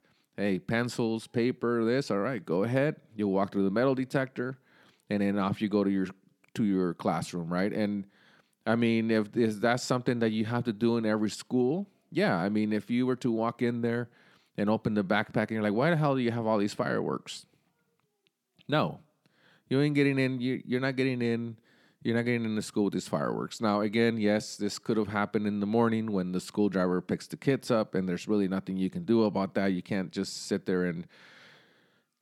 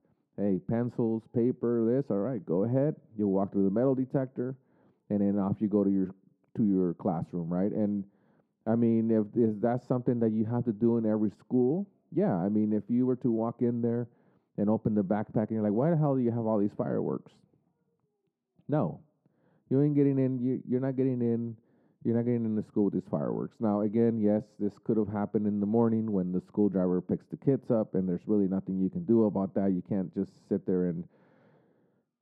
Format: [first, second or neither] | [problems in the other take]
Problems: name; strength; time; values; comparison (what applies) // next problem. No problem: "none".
first | muffled; very; fading above 1.5 kHz